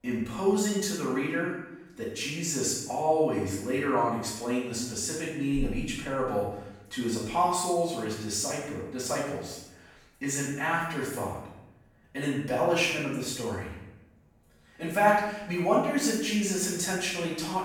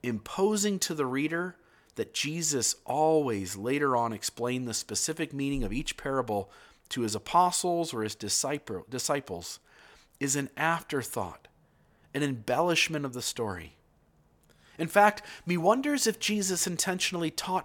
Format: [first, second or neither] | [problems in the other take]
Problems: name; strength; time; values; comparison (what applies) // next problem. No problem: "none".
second | room echo; strong; dies away in 0.8 s // off-mic speech; far